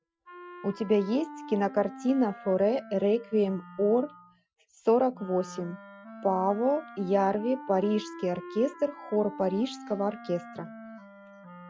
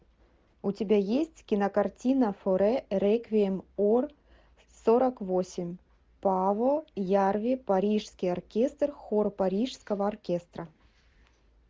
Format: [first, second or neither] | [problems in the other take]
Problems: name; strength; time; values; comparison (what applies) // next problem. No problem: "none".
second | noise reduction (classical method Wiener filter)